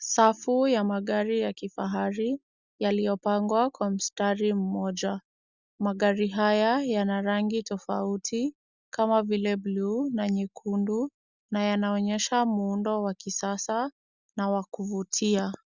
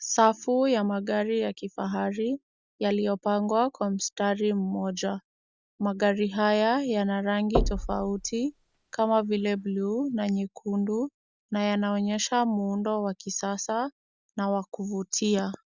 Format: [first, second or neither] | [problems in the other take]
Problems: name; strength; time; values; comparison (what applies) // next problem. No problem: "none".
first | background sound (Knock); 5 dB below the speech